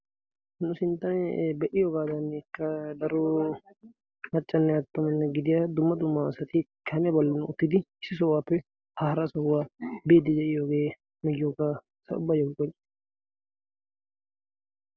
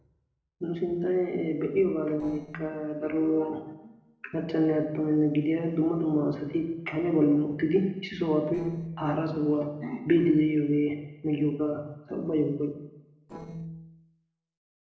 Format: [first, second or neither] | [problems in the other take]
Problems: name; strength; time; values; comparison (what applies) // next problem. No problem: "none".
first | noise reduction (neural separator model SepFormer DNS4)